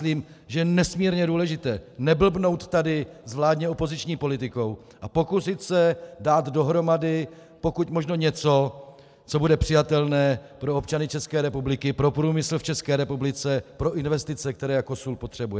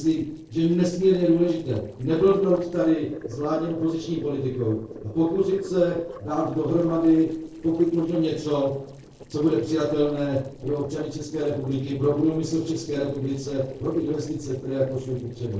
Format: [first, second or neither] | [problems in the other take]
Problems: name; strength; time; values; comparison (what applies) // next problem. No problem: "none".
first | noise reduction (neural separator model SepFormer DNS4)